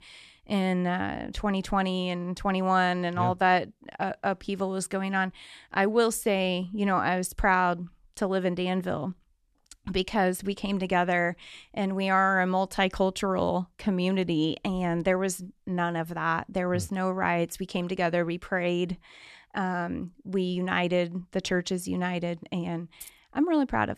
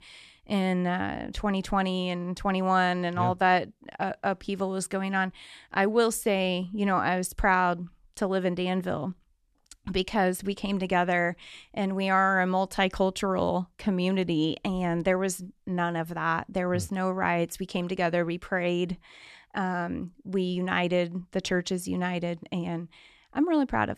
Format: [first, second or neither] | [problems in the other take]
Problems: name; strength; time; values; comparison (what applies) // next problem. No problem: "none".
second | jangling keys; faint; at 23 s; peak 20 dB below the speech